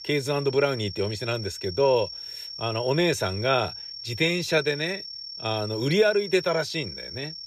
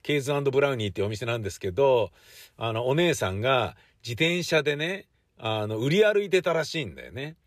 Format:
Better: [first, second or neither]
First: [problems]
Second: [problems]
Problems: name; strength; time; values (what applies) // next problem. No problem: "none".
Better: second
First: high-pitched whine; loud; throughout; 5.5 kHz, 10 dB below the speech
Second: none